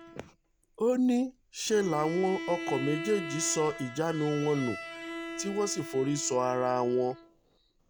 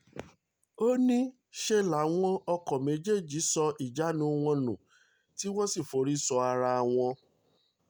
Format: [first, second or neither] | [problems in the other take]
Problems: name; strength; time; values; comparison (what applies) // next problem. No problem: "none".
second | background sound (Bowed string instrument); 11 dB below the speech